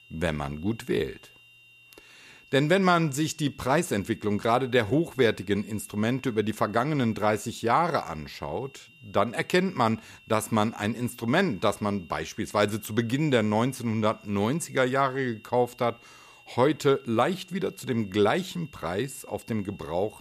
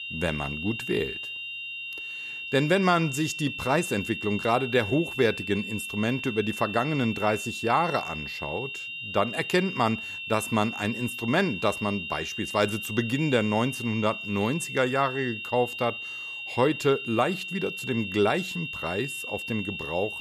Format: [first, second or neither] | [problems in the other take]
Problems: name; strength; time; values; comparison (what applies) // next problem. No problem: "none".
first | high-pitched whine; loud; throughout; 3 kHz, 6 dB below the speech; faint in the first